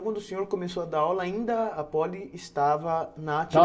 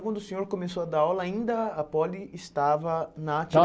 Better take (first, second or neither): second